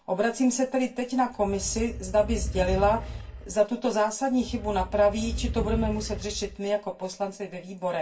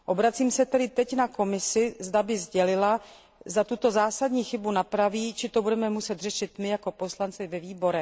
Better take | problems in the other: second | background sound (Animal); 7 dB below the speech // room echo; dies away in 0.2 s

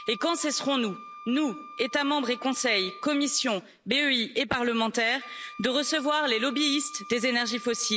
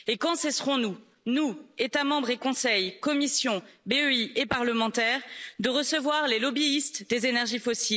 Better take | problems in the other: second | background sound (Wind instrument, woodwind instrument); 17 dB below the speech

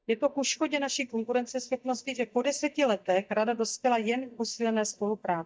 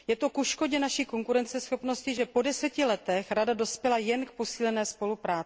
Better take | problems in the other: second | noise reduction (neural mask model DeepFilterNet 3)

